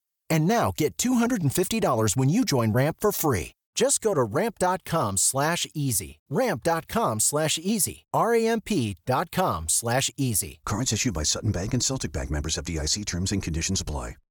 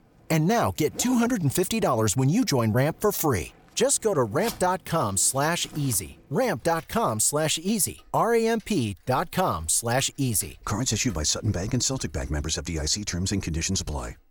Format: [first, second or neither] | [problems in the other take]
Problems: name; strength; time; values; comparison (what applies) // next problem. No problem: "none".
first | household noises; faint; throughout; 25 dB below the speech